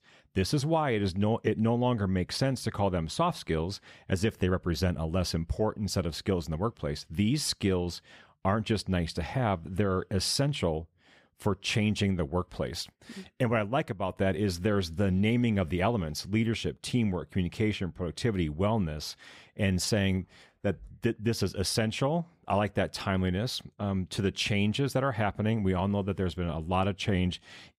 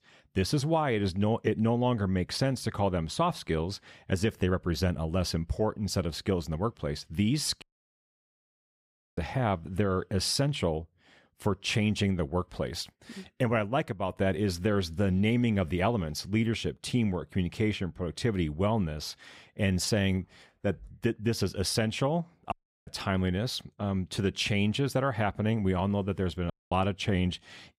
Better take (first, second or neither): first